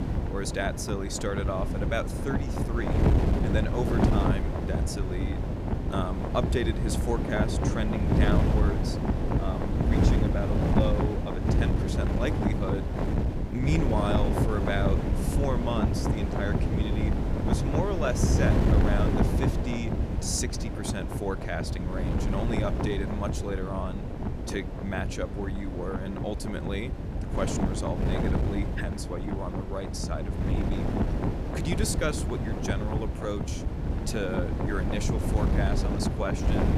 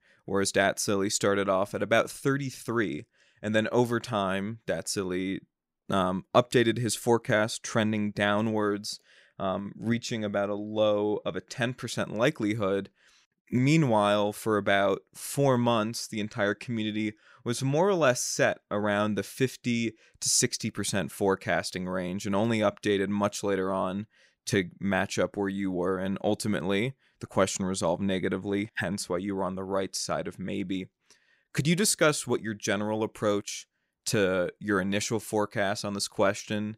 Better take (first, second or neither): second